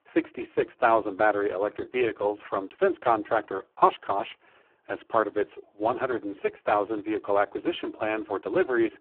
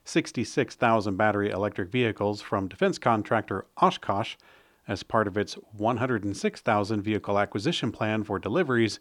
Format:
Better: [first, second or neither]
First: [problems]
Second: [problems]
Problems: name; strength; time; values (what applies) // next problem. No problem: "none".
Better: second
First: phone-call audio; poor line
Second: none